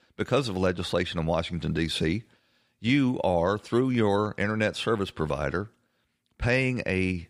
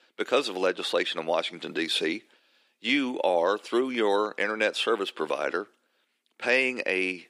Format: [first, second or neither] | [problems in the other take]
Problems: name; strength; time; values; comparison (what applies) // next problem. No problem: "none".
first | thin; somewhat; fading below 300 Hz